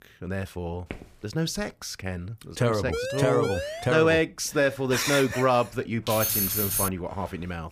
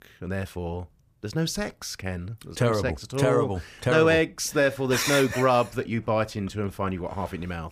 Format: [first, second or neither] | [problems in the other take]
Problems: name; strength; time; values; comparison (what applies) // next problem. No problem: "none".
second | footsteps; faint; at 1 s; peak 15 dB below the speech // siren; noticeable; from 3 to 4 s; peak 5 dB below the speech // jangling keys; loud; at 6 s; peak 3 dB above the speech